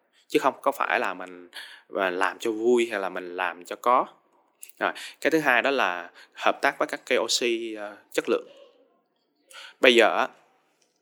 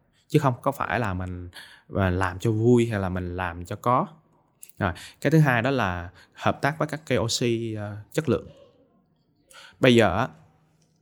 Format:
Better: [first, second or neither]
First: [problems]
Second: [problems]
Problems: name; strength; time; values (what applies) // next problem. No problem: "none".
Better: second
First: thin; somewhat; fading below 300 Hz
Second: none